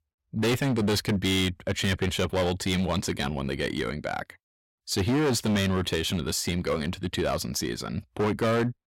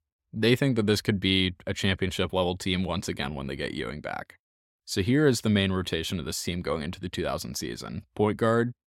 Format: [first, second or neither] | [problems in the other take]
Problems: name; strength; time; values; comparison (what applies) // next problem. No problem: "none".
second | distortion; heavy; 14% of the sound clipped